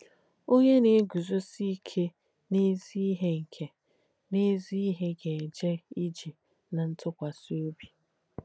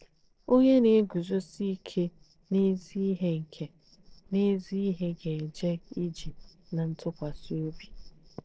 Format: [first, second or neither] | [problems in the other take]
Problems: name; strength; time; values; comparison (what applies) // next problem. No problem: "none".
first | noise reduction (neural separator model SepFormer DNS4)